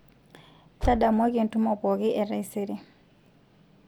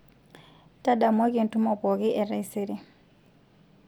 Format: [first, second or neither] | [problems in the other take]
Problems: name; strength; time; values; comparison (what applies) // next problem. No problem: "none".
second | background sound (Car); 9 dB below the speech